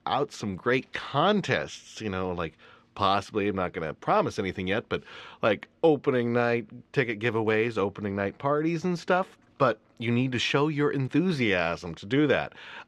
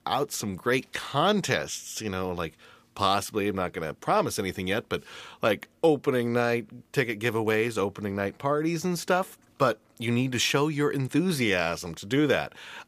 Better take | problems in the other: second | muffled; slightly; fading above 3.5 kHz

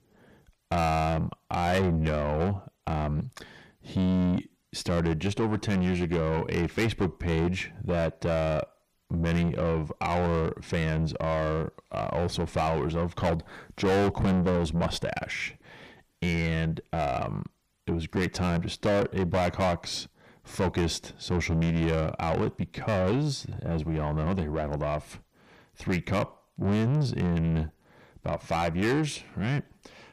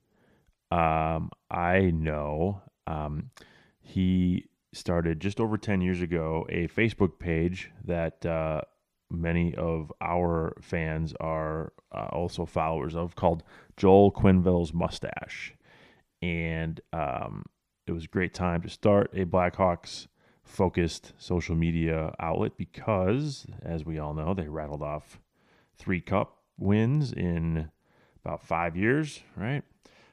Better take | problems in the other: second | distortion; heavy; 6 dB below the speech

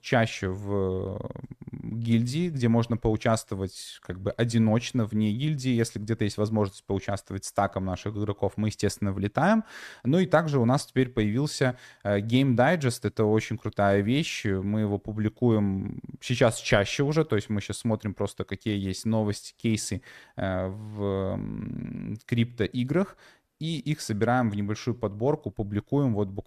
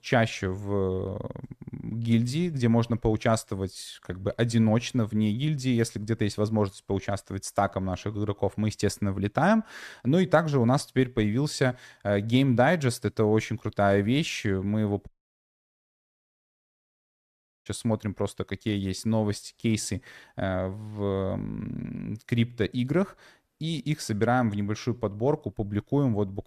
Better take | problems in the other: first | audio cutting out; at 15 s for 2.5 s

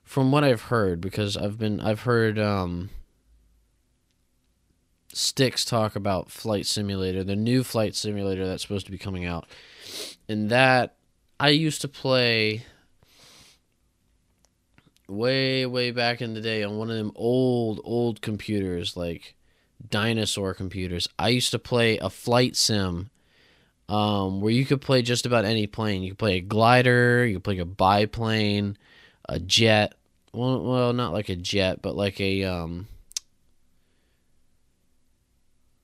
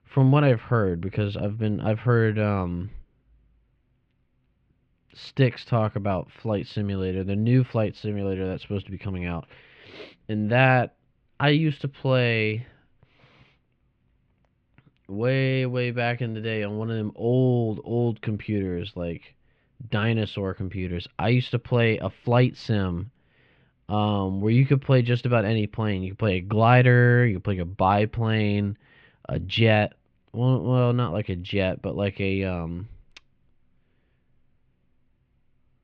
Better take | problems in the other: first | muffled; very; fading above 2.5 kHz

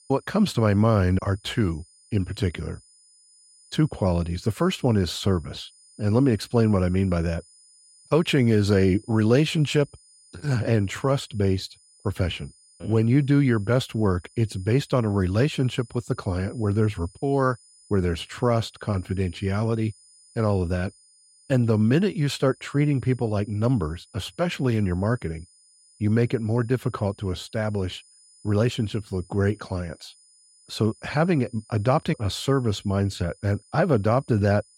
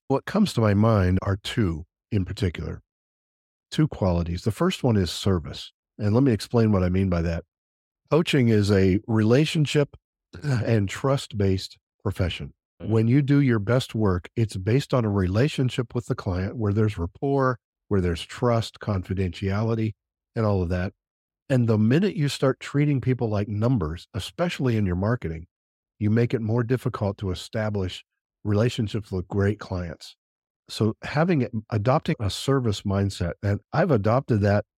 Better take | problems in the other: second | high-pitched whine; faint; throughout; 9.5 kHz, 30 dB below the speech

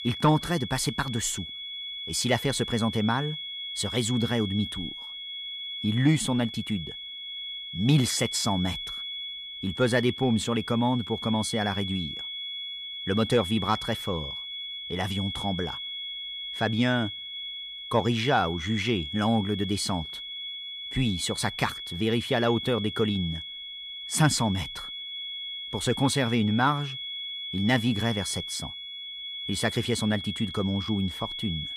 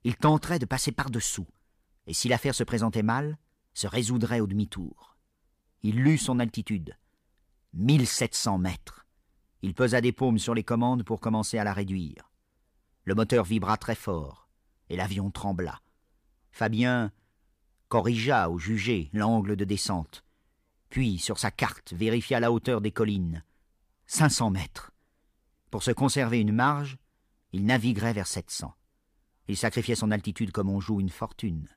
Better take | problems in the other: second | high-pitched whine; loud; throughout; 3.5 kHz, 7 dB below the speech

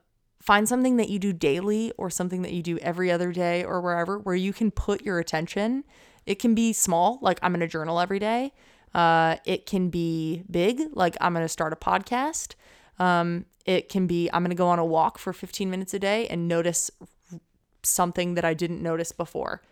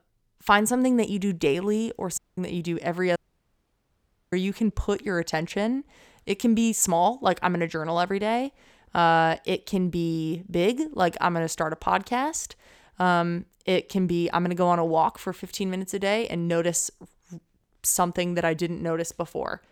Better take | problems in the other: first | audio cutting out; at 2 s and at 3 s for 1 s

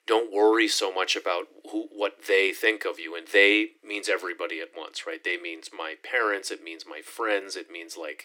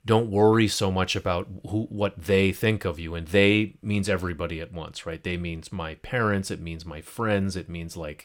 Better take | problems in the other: second | thin; very; fading below 300 Hz

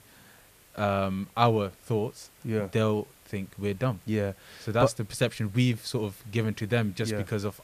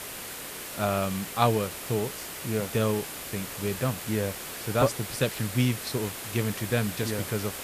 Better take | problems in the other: first | hiss; loud; throughout; 6 dB below the speech; faint in the first

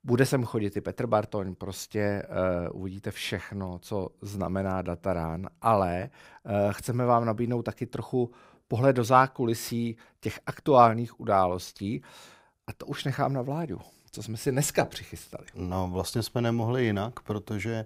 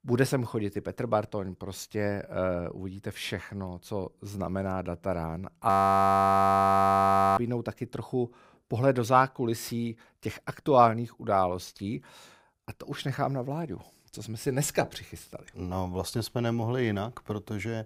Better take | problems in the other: first | audio freezing; at 5.5 s for 1.5 s

